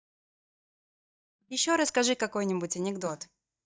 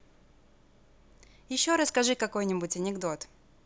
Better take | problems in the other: second | noise reduction (neural mask model DeepFilterNet 3)

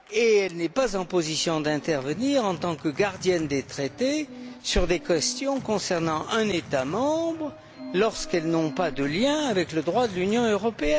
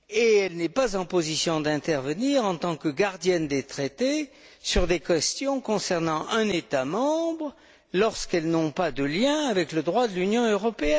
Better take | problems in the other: second | background sound (Organ); 17 dB below the speech

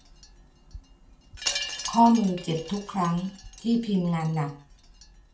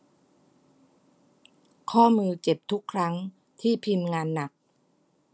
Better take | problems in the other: second | background sound (Wind chime); 12 dB below the speech // room echo; dies away in 0.3 s

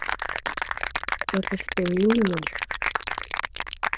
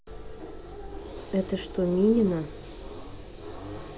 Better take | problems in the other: second | noise reduction (neural diffusion model UNIVERSE++)

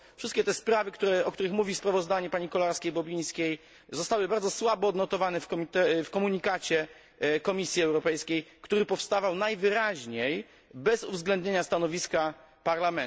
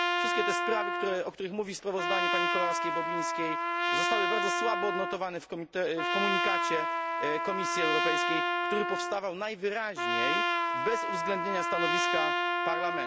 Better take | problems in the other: first | background sound (Trumpet); 4 dB above the speech

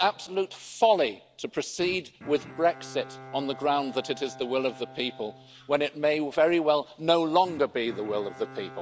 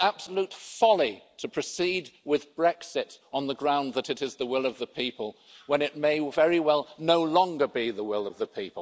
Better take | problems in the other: second | background sound (Bowed string instrument); 20 dB below the speech

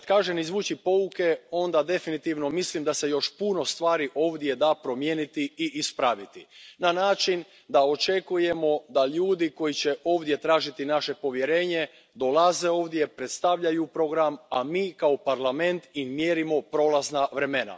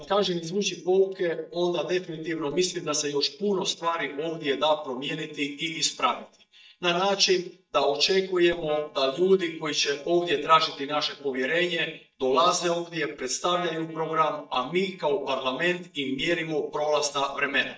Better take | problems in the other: first | noise reduction (neural mask model DeepFilterNet 3)

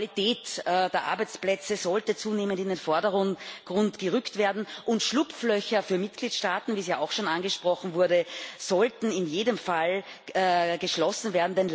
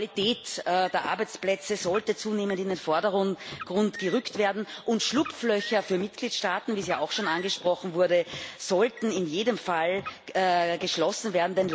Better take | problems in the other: first | background sound (Car); 18 dB below the speech

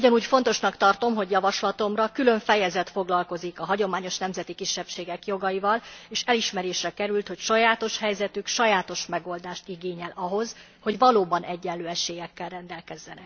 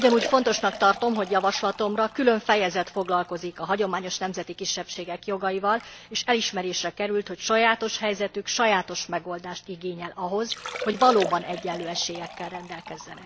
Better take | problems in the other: first | background sound (Liquid); 15 dB below the speech

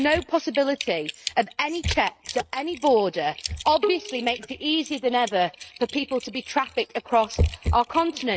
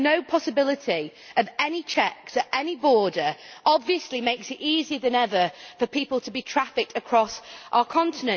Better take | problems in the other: second | noise reduction (neural mask model RNNoise)

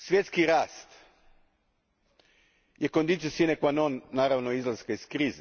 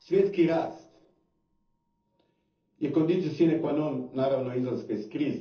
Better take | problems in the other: first | noise reduction (neural separator model SepFormer DNS4)

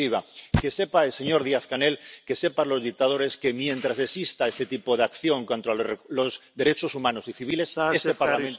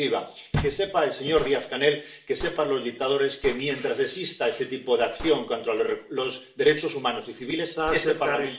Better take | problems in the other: first | background sound (Gunshot, gunfire); 19 dB below the speech // room echo; dies away in 0.4 s

